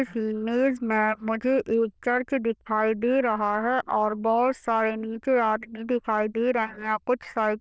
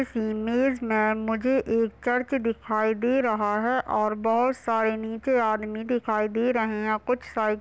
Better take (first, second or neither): second